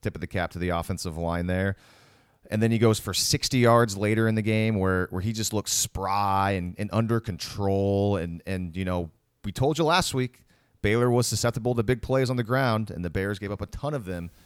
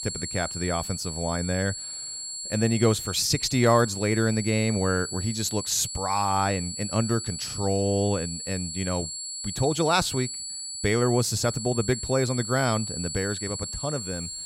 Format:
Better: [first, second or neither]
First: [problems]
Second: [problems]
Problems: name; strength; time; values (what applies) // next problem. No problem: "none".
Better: first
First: none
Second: high-pitched whine; loud; throughout; 7.5 kHz, 6 dB below the speech